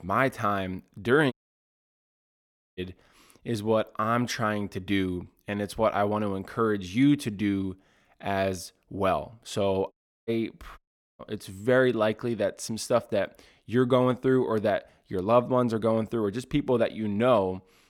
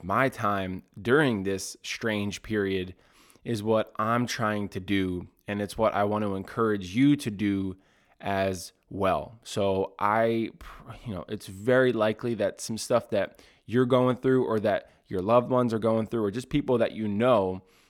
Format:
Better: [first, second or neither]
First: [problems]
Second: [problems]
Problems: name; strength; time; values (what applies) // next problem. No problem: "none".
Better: second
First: audio cutting out; at 1.5 s for 1.5 s, at 10 s and at 11 s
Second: none